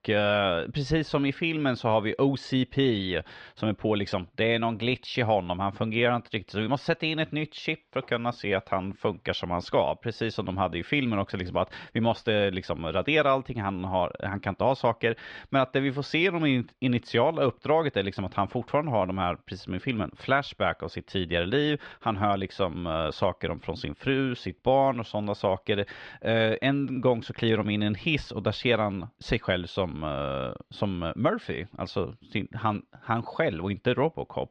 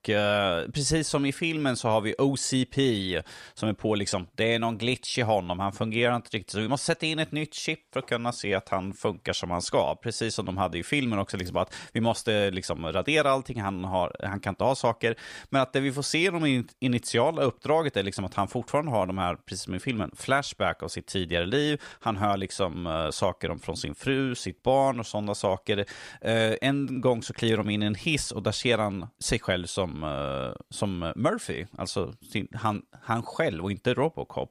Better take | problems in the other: second | muffled; slightly; fading above 4 kHz

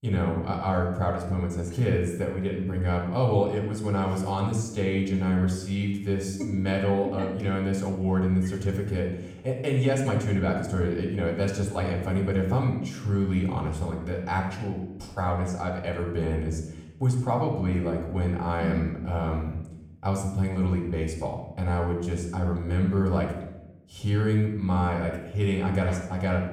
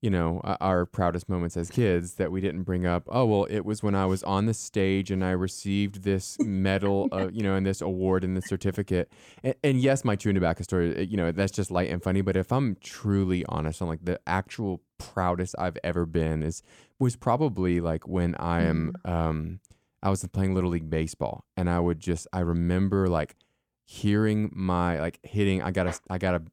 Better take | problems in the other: second | off-mic speech; somewhat distant // room echo; noticeable; dies away in 0.7 s

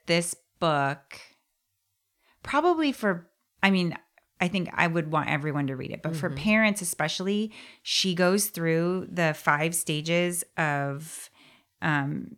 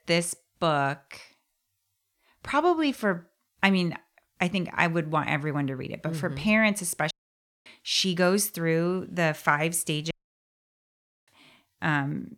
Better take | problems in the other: first | audio cutting out; at 7 s for 0.5 s and at 10 s for 1 s

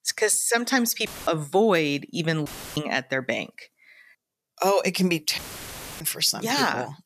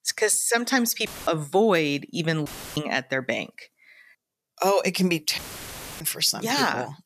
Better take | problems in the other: neither | audio cutting out; filled with static; at 1 s, at 2.5 s and at 5.5 s for 0.5 s; the same in both

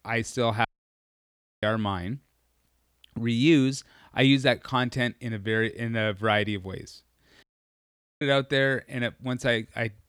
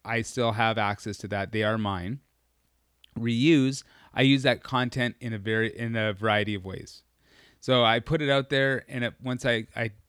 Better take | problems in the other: second | audio cutting out; at 0.5 s for 1 s and at 7.5 s for 1 s

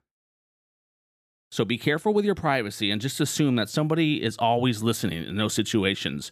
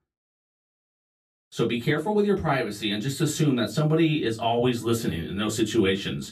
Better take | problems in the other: first | off-mic speech; far // room echo; very slight; dies away in 0.2 s

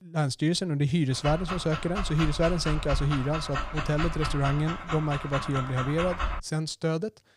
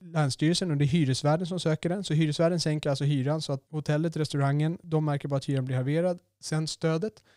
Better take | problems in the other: second | dog barking; noticeable; from 1 to 6.5 s; peak 3 dB below the speech

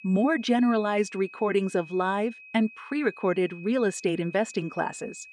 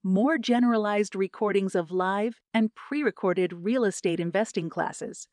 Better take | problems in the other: second | high-pitched whine; noticeable; throughout; 2.5 kHz, 20 dB below the speech

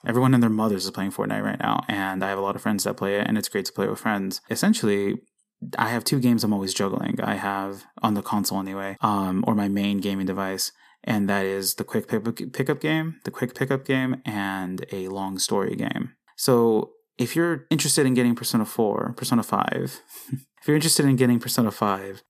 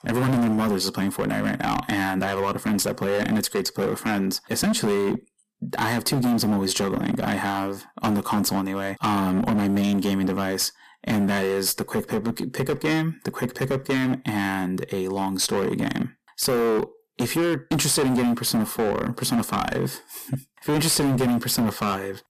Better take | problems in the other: first | distortion; heavy; 16% of the sound clipped

